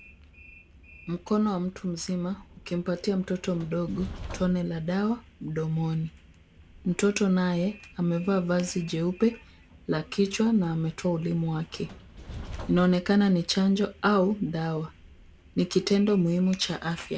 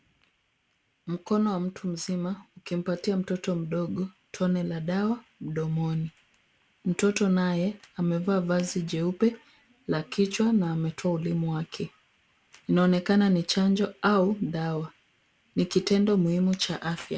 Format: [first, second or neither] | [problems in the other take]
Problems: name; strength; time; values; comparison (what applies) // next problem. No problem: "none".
second | background sound (Train); 19 dB below the speech